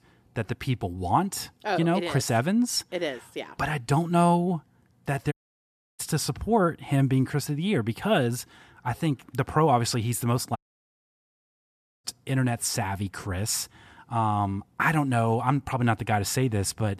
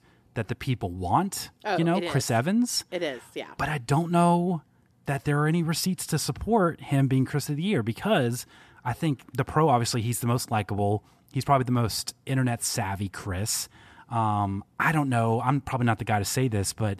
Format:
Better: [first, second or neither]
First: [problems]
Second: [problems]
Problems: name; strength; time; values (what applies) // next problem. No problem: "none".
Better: second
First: audio cutting out; at 5.5 s for 0.5 s and at 11 s for 1.5 s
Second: none